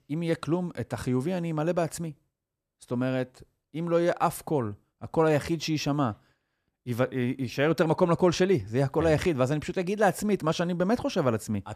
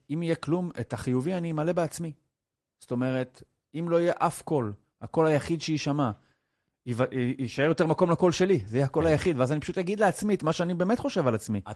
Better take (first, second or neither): first